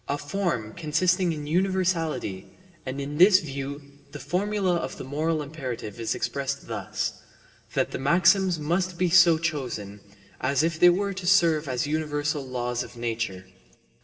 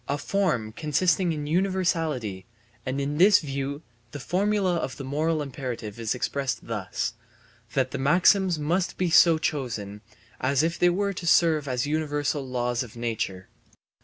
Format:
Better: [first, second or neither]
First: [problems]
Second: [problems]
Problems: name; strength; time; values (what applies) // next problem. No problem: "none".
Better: second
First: room echo; dies away in 1.4 s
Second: none